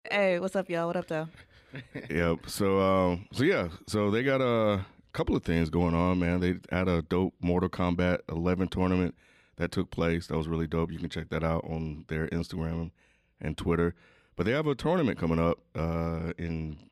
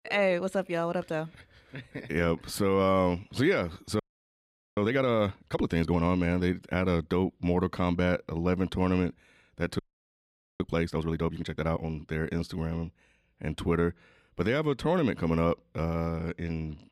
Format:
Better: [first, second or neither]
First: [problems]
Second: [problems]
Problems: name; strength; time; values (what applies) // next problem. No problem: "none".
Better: first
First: none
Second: audio freezing; at 4 s for 1 s and at 10 s for 1 s